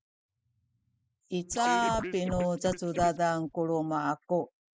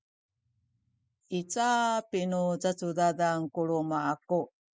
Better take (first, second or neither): second